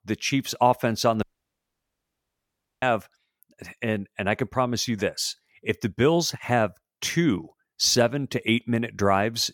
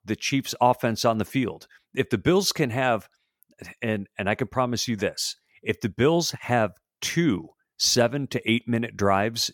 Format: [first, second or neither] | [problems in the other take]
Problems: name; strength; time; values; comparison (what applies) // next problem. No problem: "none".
second | audio cutting out; at 1 s for 1.5 s